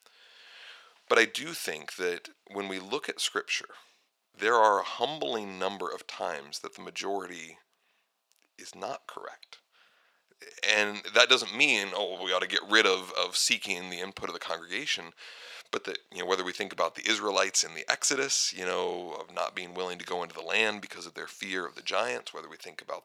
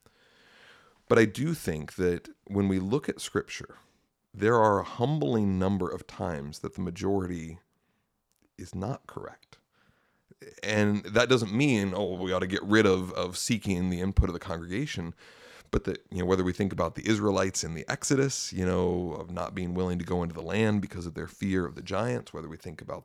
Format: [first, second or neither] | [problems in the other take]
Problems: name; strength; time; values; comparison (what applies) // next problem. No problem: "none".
second | thin; very; fading below 600 Hz